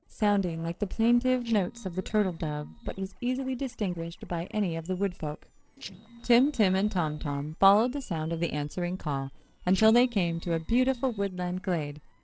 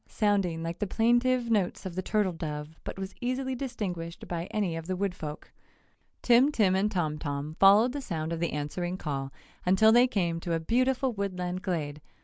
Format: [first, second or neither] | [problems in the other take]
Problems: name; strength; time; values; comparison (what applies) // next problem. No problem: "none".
second | noise reduction (neural separator model SepFormer DNS4)